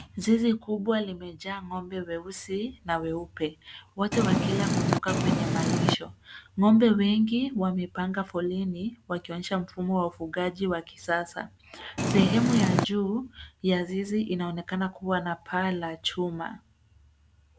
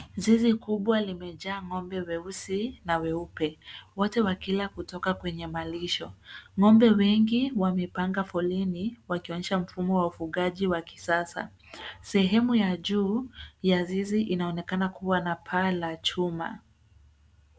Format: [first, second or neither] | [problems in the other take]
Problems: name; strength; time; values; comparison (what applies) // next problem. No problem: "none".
second | background sound (Purr); 3 dB above the speech